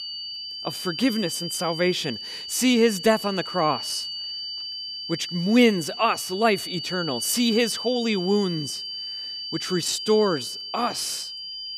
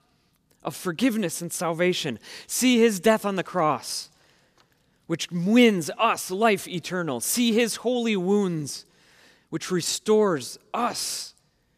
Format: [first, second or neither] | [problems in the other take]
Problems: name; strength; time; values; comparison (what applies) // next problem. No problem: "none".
second | high-pitched whine; loud; throughout; 4.5 kHz, 7 dB below the speech